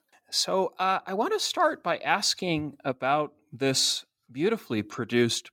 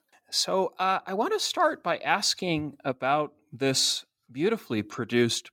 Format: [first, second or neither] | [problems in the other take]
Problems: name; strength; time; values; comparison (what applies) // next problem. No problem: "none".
neither | none